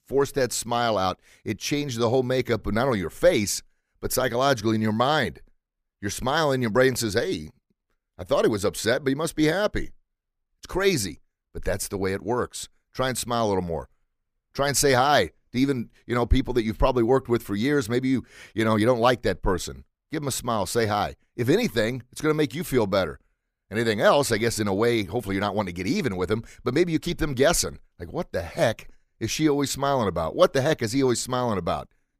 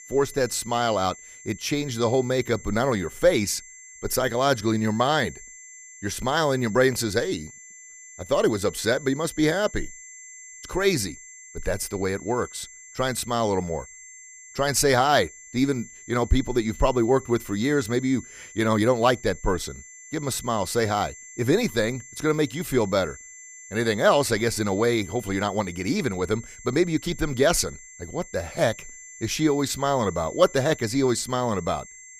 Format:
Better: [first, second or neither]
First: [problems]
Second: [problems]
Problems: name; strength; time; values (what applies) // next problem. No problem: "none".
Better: first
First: none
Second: high-pitched whine; noticeable; throughout; 2 kHz, 15 dB below the speech